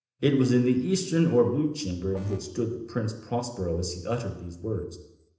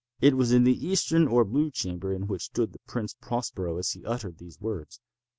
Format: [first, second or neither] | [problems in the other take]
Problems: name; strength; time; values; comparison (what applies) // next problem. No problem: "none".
second | noise reduction (neural separator model SepFormer DNS4)